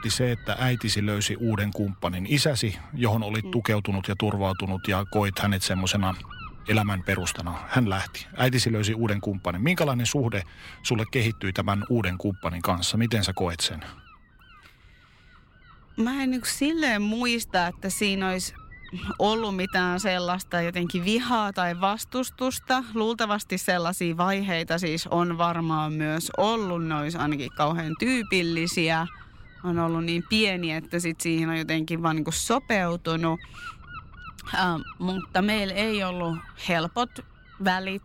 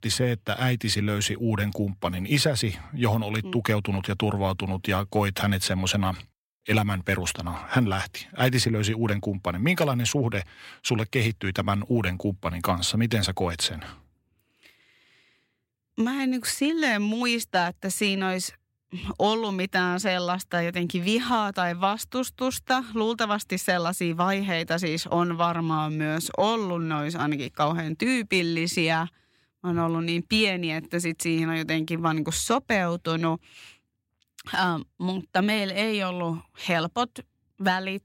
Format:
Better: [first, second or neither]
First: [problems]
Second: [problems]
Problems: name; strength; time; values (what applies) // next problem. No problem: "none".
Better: second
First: wind noise on the microphone; occasional gusts; 20 dB below the speech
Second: none